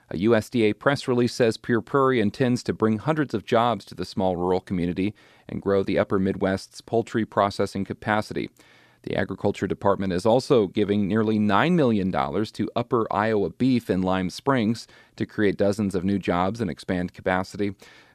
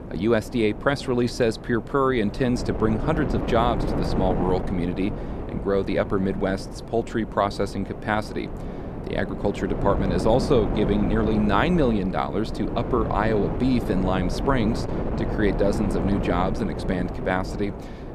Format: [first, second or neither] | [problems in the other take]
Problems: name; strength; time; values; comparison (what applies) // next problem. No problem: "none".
first | wind noise on the microphone; heavy; 8 dB below the speech